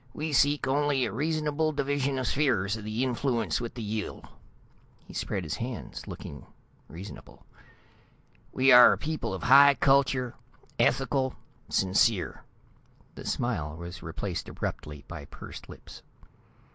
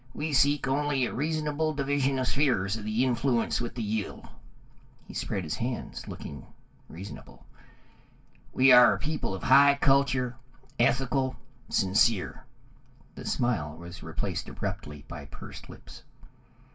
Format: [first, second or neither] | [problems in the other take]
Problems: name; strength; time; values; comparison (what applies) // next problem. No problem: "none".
first | room echo; dies away in 0.2 s